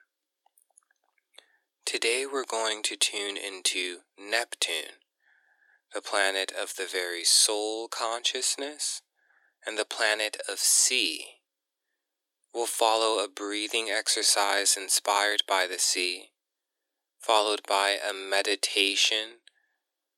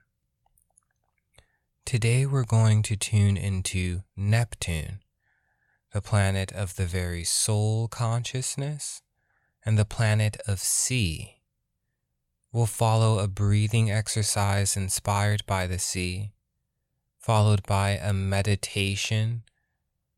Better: second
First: thin; very; fading below 300 Hz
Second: none

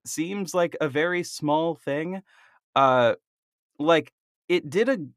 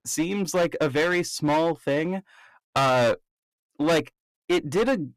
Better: first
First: none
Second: distortion; heavy; 14% of the sound clipped

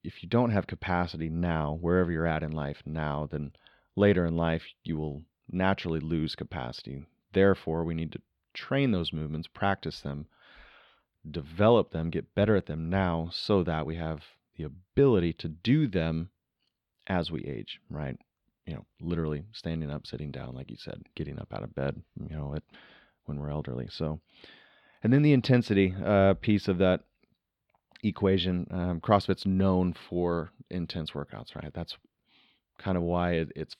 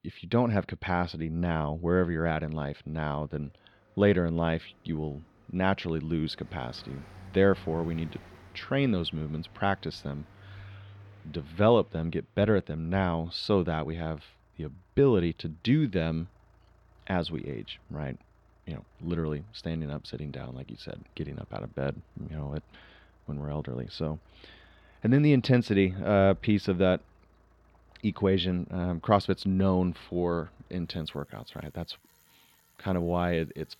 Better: first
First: none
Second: traffic noise; faint; throughout; 25 dB below the speech

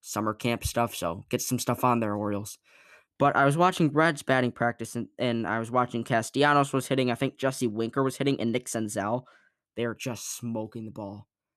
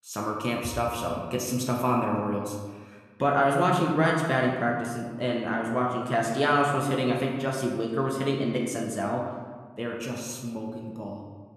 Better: first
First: none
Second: room echo; noticeable; dies away in 1.2 s // off-mic speech; somewhat distant

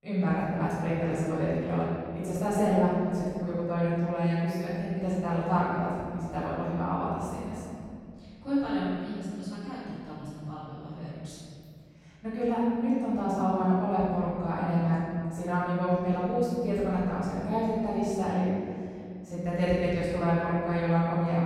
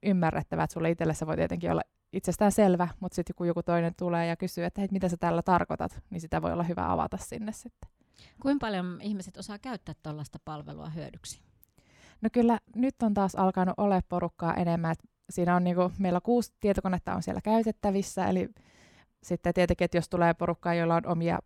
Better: second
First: off-mic speech; far // room echo; strong; dies away in 2.3 s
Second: none

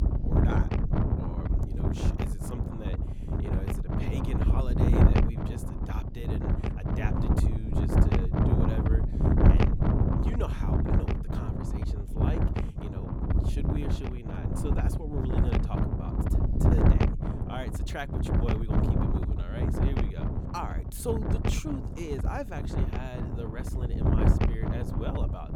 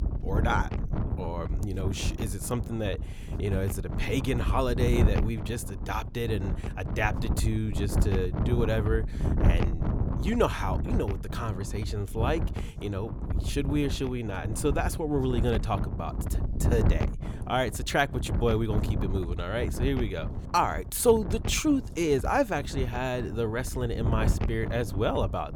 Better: second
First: wind noise on the microphone; heavy; 5 dB above the speech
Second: wind noise on the microphone; occasional gusts; 10 dB below the speech

